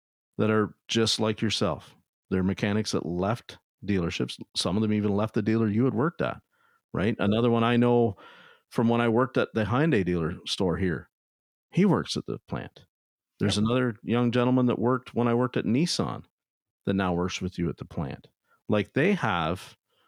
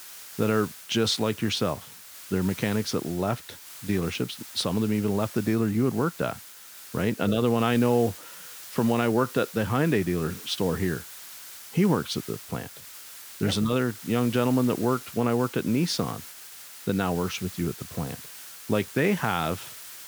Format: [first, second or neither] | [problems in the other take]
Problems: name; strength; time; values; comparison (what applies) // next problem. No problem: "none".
first | hiss; noticeable; throughout; 15 dB below the speech